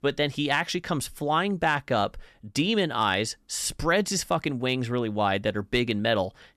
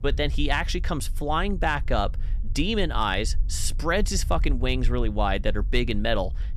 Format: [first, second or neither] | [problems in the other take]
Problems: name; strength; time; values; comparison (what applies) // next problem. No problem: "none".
first | low rumble; faint; throughout; 25 dB below the speech